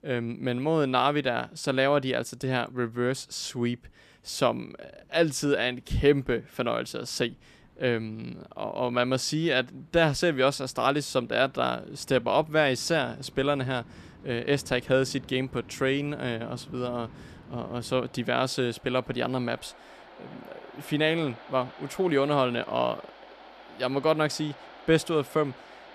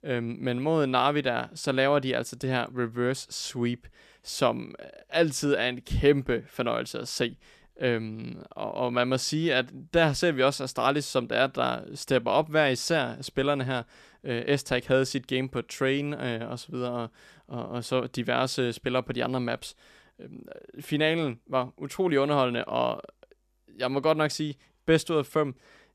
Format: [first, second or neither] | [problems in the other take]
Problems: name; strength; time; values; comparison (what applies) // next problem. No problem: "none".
second | rain or running water; faint; throughout; 20 dB below the speech